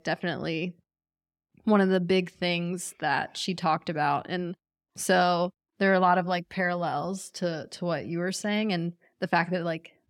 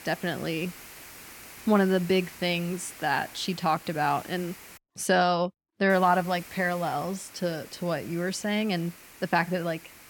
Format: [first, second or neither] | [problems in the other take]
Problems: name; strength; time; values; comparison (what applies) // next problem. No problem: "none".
first | hiss; noticeable; until 5 s and from 6 s on; 15 dB below the speech